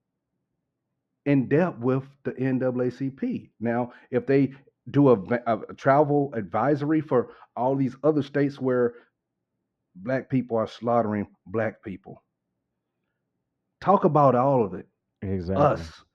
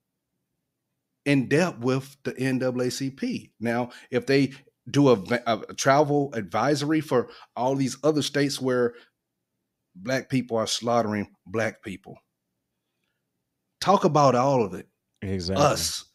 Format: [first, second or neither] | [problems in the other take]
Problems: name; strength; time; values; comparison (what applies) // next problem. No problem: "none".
second | muffled; very; fading above 4 kHz